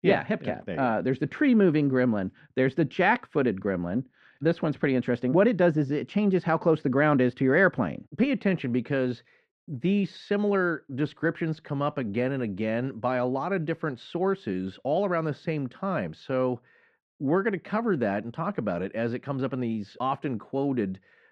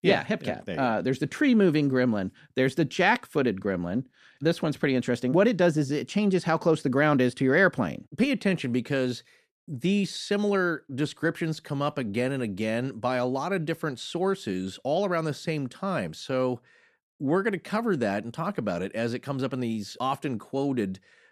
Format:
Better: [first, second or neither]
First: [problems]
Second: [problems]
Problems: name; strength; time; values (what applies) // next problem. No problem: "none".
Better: second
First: muffled; slightly; fading above 2.5 kHz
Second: none